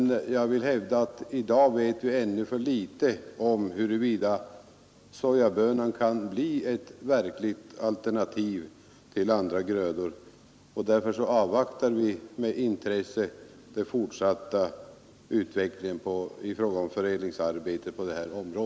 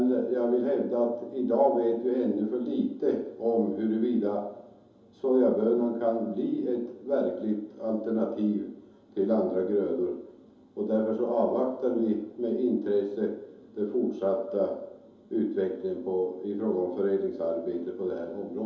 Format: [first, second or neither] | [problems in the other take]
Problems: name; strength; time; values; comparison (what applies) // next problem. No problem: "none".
first | room echo; dies away in 2.8 s